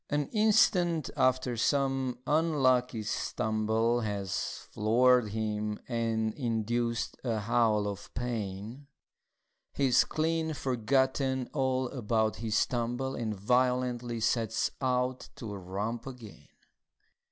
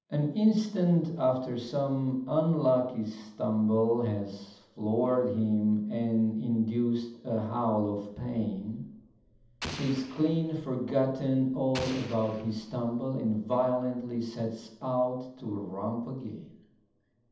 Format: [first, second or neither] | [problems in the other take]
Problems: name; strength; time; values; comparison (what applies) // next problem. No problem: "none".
first | background sound (Explosion); 13 dB below the speech // room echo; dies away in 0.8 s